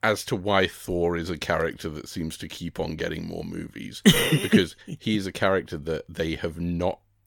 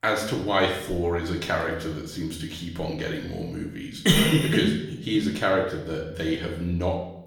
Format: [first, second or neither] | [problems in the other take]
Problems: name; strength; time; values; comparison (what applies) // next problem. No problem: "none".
first | room echo; slight; dies away in 0.7 s // off-mic speech; far